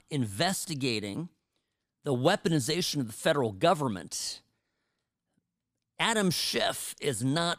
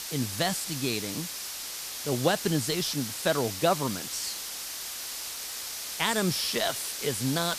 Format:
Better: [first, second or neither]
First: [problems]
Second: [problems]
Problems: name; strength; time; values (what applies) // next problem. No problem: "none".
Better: first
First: none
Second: hiss; loud; throughout; 5 dB below the speech